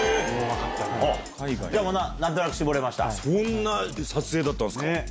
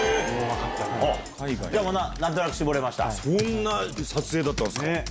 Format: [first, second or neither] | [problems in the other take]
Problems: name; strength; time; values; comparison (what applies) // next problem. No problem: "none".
first | background sound (Computer keyboard); 16 dB below the speech